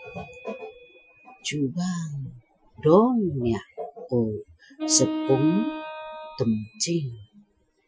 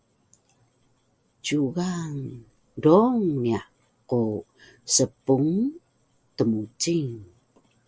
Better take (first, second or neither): second